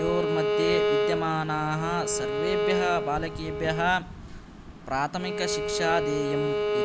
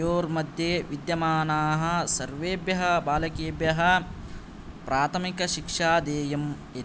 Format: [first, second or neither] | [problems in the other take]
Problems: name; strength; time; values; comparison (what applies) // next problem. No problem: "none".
second | background sound (Bowed string instrument); 1 dB above the speech